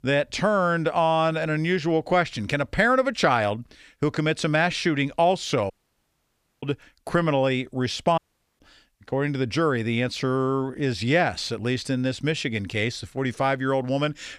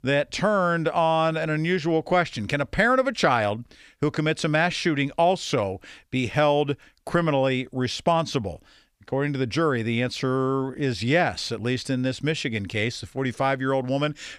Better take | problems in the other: second | audio cutting out; at 5.5 s for 1 s and at 8 s

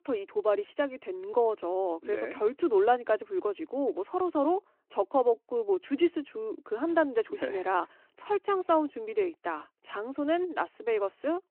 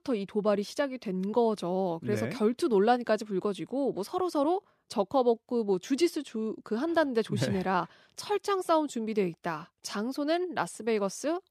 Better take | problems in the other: second | phone-call audio

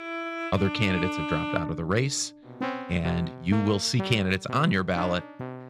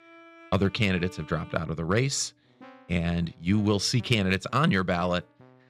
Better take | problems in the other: second | background music; loud; throughout; 7 dB below the speech; faint in the second

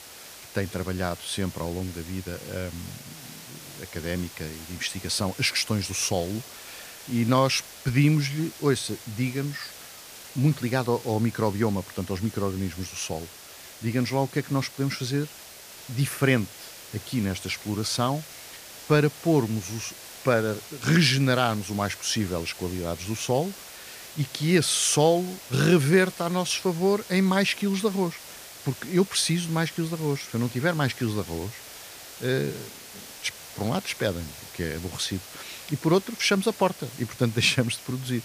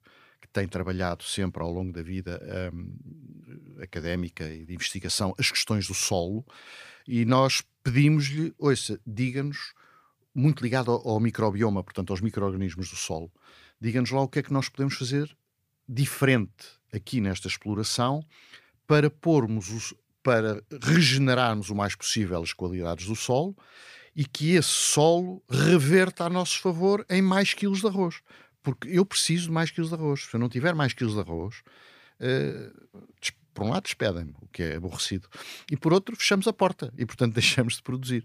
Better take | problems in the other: second | hiss; noticeable; throughout; 15 dB below the speech

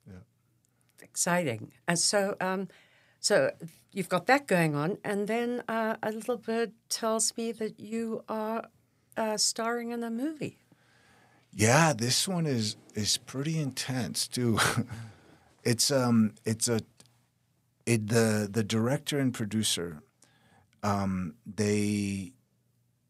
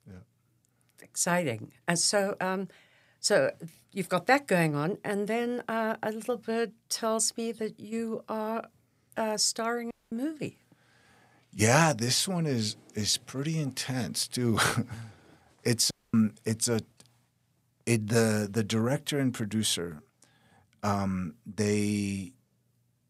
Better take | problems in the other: first | audio cutting out; at 10 s and at 16 s

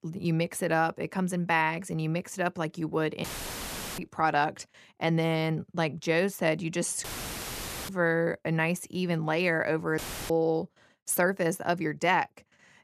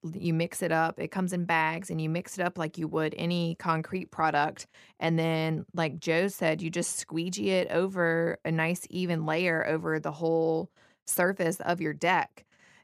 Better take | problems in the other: second | audio cutting out; filled with static; at 3 s for 0.5 s, at 7 s for 1 s and at 10 s

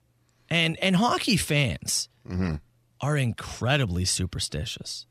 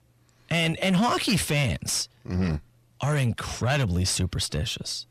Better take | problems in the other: first | distortion; slight; 10 dB below the speech

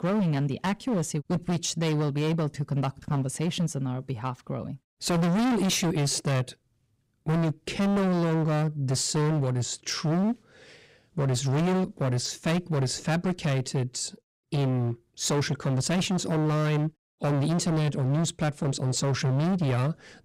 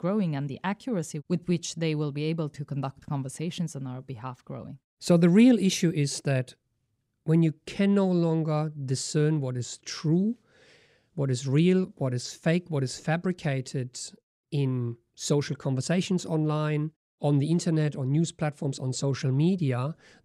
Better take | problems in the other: second | distortion; heavy; 24% of the sound clipped

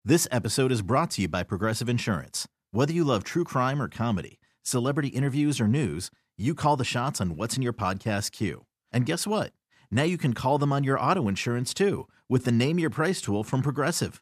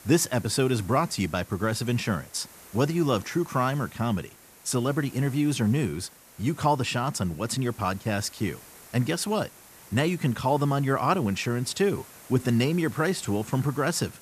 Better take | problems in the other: first | hiss; faint; throughout; 20 dB below the speech

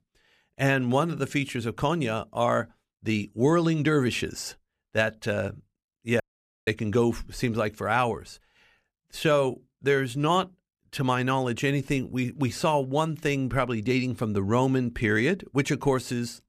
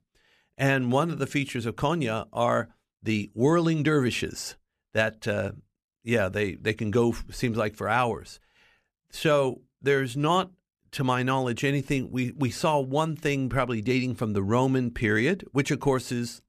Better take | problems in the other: second | audio cutting out; at 6 s

